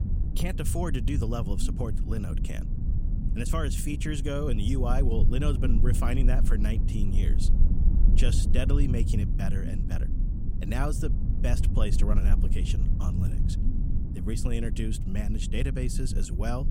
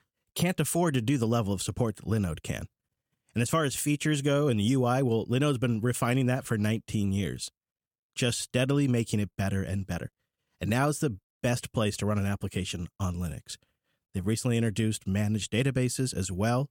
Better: second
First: low rumble; loud; throughout; 7 dB below the speech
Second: none

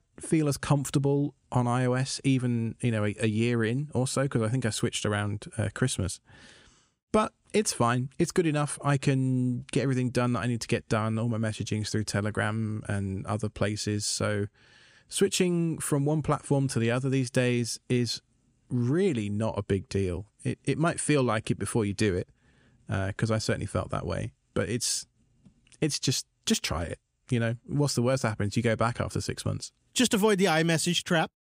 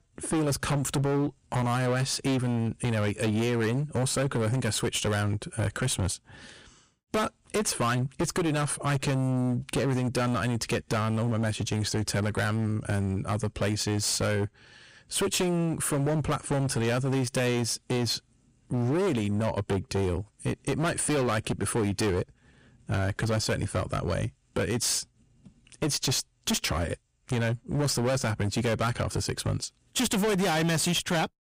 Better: first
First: none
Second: distortion; heavy; 22% of the sound clipped

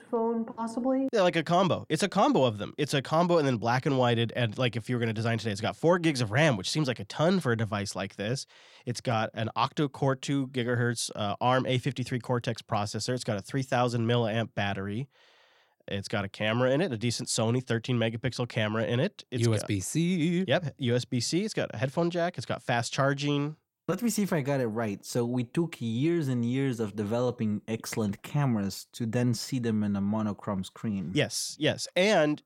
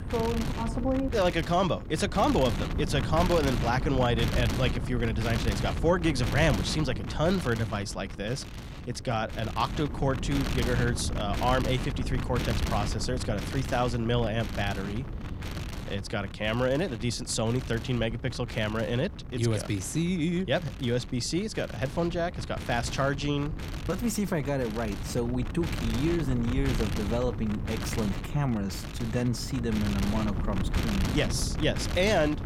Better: first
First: none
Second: wind noise on the microphone; heavy; 8 dB below the speech

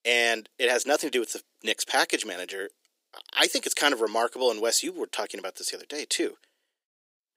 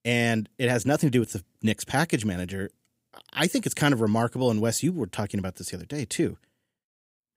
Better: second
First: thin; very; fading below 350 Hz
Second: none

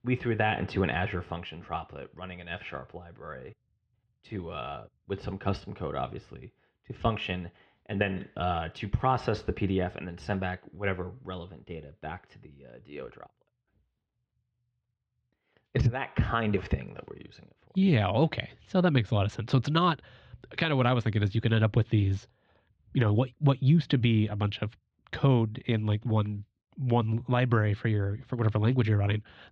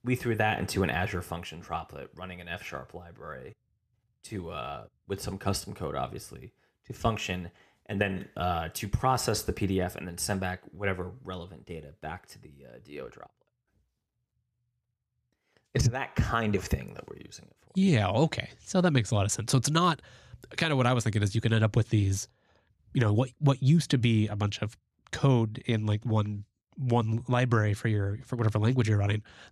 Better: second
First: muffled; slightly; fading above 3.5 kHz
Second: none

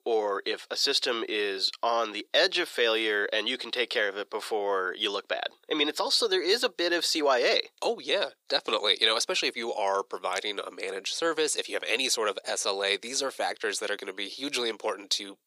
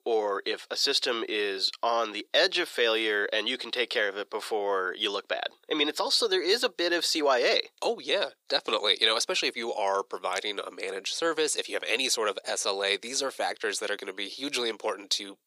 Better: neither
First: thin; very; fading below 400 Hz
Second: thin; very; fading below 400 Hz

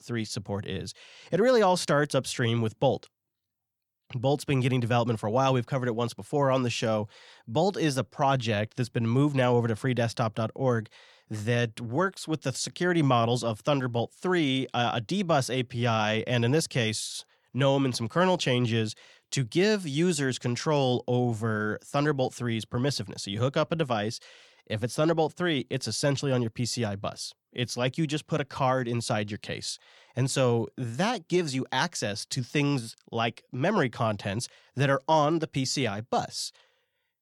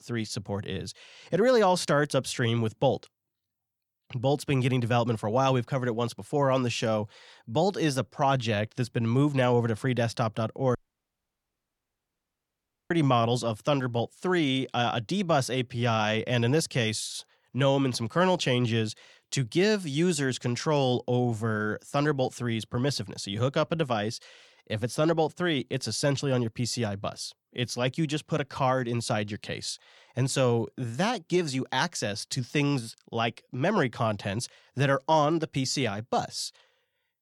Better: first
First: none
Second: audio cutting out; at 11 s for 2 s

